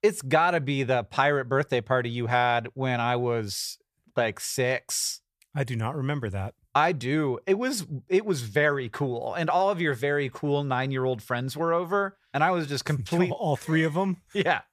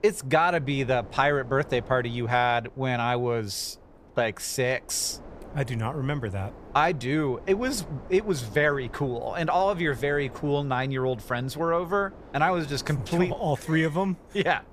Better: first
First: none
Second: wind noise on the microphone; occasional gusts; 20 dB below the speech

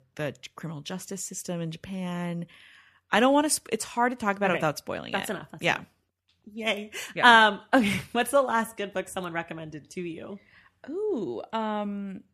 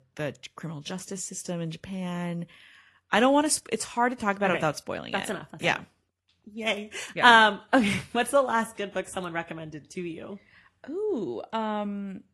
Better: first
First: none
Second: garbled, watery; slightly

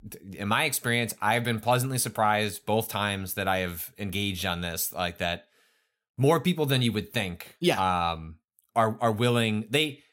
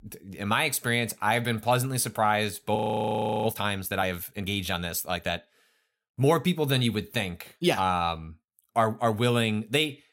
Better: first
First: none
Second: audio freezing; at 3 s for 0.5 s

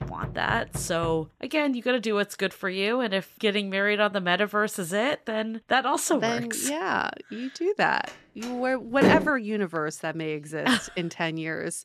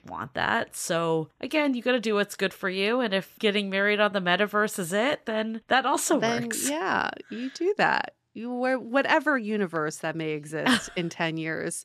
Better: second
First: door banging; noticeable; until 1 s; peak 10 dB below the speech // door banging; loud; at 9 s; peak 4 dB above the speech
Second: none

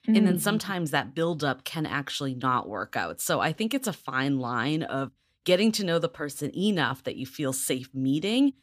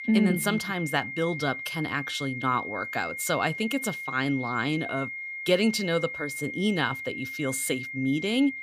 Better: first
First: none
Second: high-pitched whine; loud; throughout; 2 kHz, 6 dB below the speech

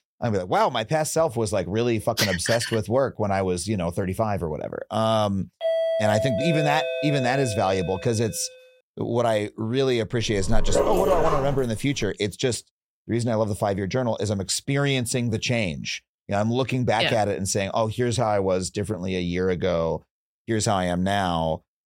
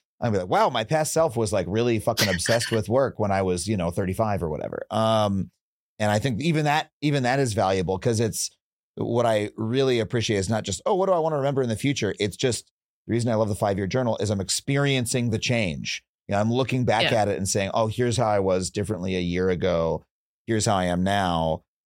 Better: second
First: doorbell; loud; from 5.5 to 8 s; peak 1 dB above the speech // dog barking; loud; from 10 to 12 s; peak 2 dB above the speech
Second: none

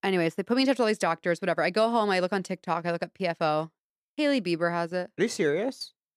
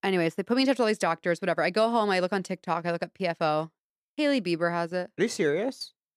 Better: neither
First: none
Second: none

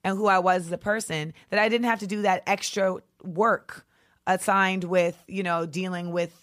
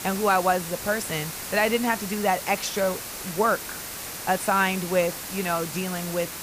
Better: first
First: none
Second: hiss; loud; throughout; 7 dB below the speech

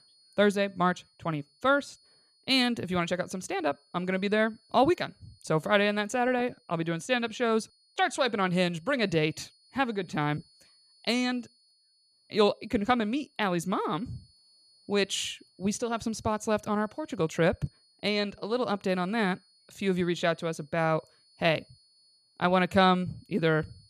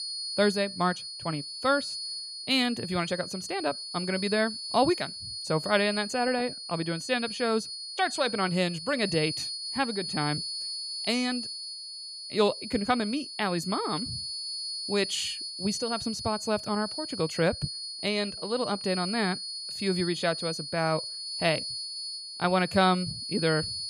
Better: first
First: high-pitched whine; faint; throughout; 4.5 kHz, 30 dB below the speech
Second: high-pitched whine; loud; throughout; 4.5 kHz, 5 dB below the speech

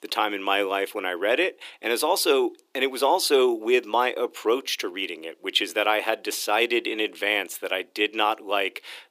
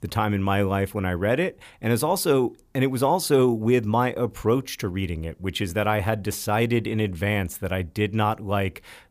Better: second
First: thin; very; fading below 300 Hz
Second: none

